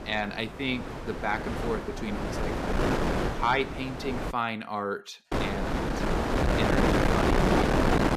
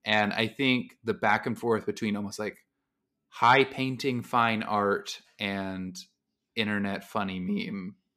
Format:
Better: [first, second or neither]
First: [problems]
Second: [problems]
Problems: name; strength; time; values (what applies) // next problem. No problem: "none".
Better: second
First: wind noise on the microphone; heavy; until 4.5 s and from 5.5 s on; 2 dB above the speech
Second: none